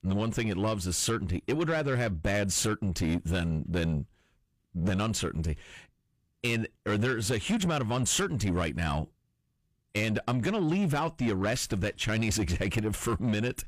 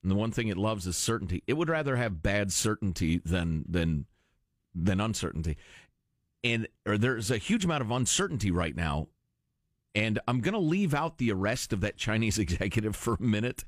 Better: second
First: distortion; slight; 10 dB below the speech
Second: none

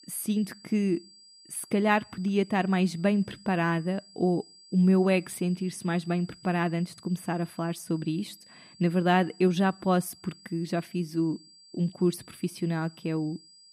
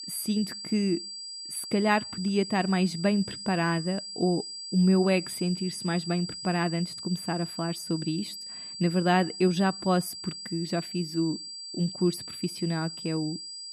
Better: first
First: high-pitched whine; faint; throughout; 5 kHz, 25 dB below the speech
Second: high-pitched whine; loud; throughout; 5 kHz, 9 dB below the speech

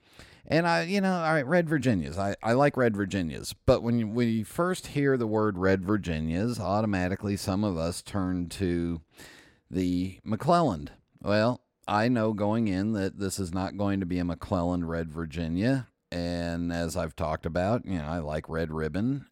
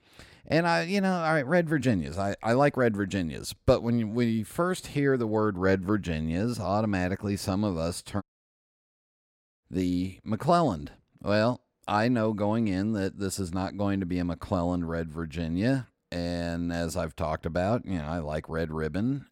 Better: first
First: none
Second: audio cutting out; at 8 s for 1.5 s

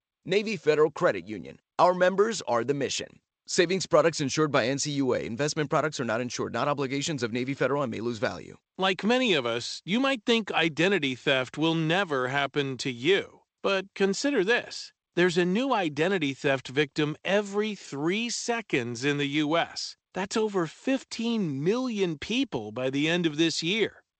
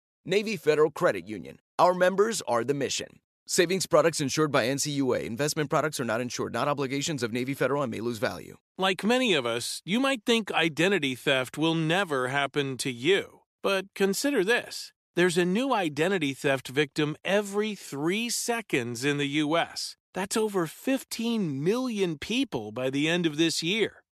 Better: second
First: garbled, watery; slightly; nothing above 8 kHz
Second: none

